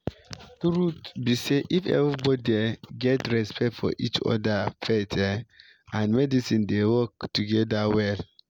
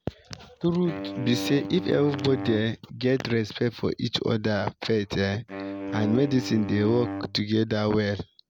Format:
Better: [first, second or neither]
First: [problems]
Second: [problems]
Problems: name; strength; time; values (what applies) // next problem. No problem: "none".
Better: first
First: none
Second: background sound (Wind instrument, woodwind instrument); 9 dB below the speech